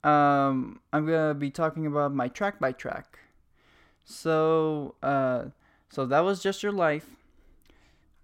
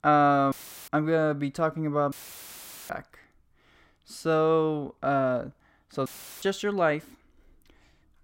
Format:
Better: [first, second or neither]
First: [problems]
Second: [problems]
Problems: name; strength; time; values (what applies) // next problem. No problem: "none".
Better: first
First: none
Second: audio cutting out; filled with static; at 0.5 s, at 2 s for 1 s and at 6 s